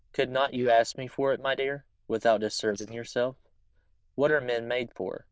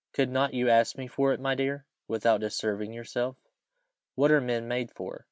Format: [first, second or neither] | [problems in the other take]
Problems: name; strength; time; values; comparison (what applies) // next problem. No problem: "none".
second | noise reduction (neural diffusion model UNIVERSE++)